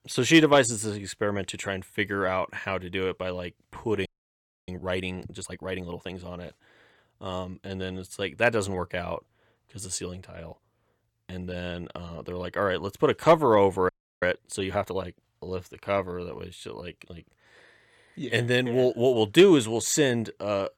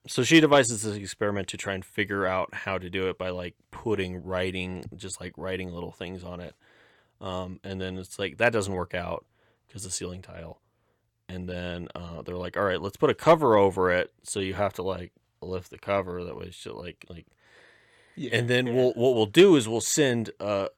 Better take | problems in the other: second | audio freezing; at 4 s for 0.5 s and at 14 s

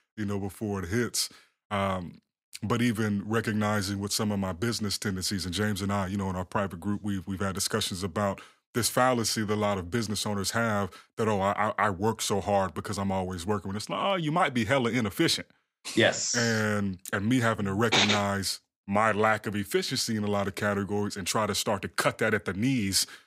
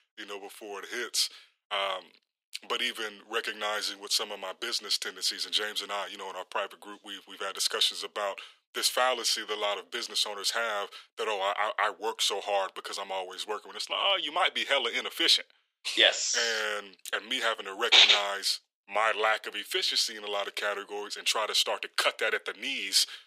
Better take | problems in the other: first | thin; very; fading below 400 Hz

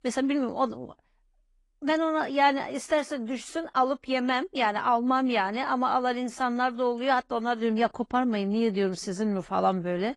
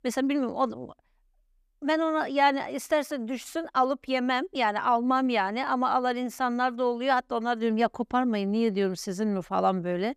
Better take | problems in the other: second | garbled, watery; slightly; nothing above 10.5 kHz

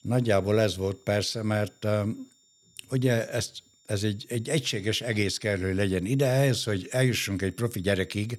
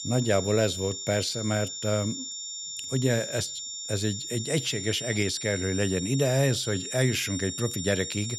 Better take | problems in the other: first | high-pitched whine; loud; throughout; 7 kHz, 6 dB below the speech; faint in the first

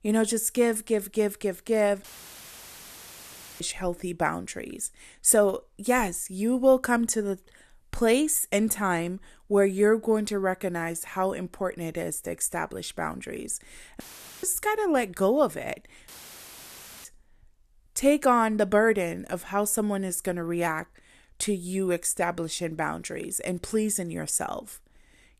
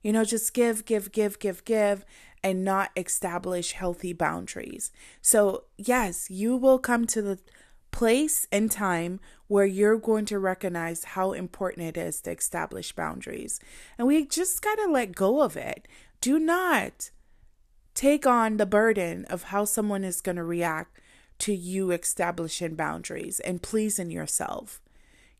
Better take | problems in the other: second | audio cutting out; filled with static; at 2 s for 1.5 s, at 14 s and at 16 s for 1 s

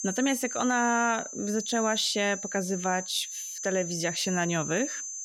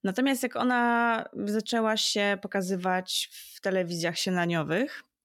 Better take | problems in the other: second | high-pitched whine; loud; throughout; 6 kHz, 6 dB below the speech

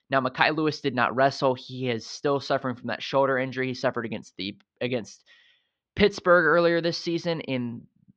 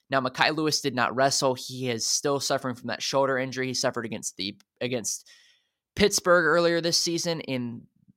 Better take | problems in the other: second | muffled; slightly; fading above 3.5 kHz

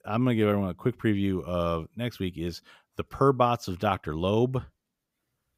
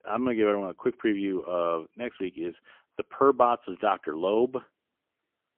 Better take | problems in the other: first | phone-call audio; poor line; nothing above 3 kHz

